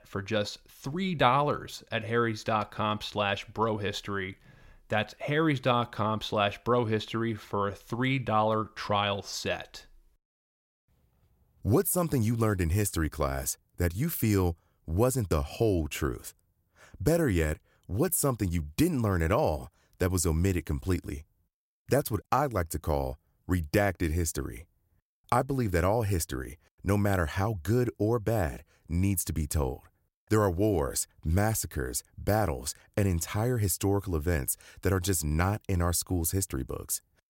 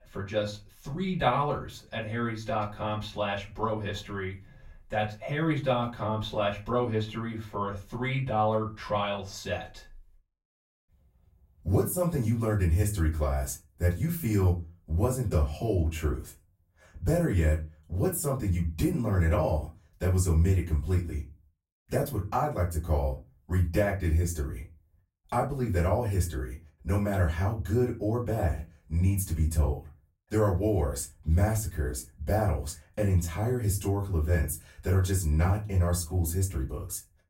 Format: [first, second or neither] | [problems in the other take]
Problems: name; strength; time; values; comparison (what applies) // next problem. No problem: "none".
first | off-mic speech; far // room echo; very slight; dies away in 0.3 s